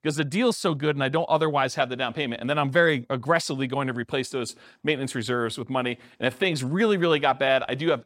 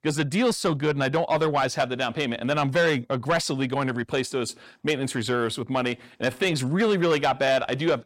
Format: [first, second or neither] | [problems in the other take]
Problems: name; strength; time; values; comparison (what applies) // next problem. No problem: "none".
first | distortion; slight; 10 dB below the speech